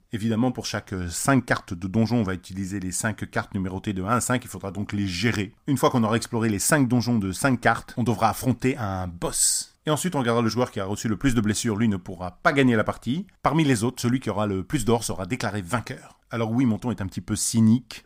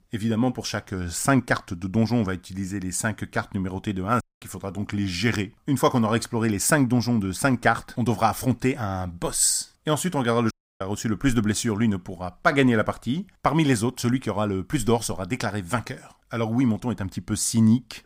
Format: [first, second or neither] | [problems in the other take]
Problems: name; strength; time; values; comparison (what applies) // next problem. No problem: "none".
first | audio cutting out; at 4 s and at 11 s